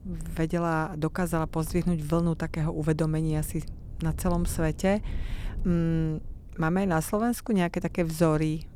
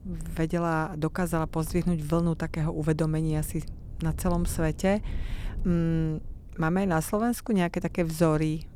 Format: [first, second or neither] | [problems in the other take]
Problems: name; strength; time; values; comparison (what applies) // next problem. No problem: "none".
neither | low rumble; faint; throughout; 25 dB below the speech; the same in both